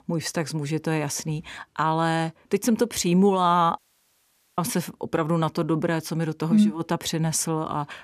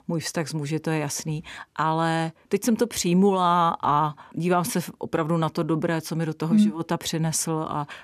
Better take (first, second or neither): second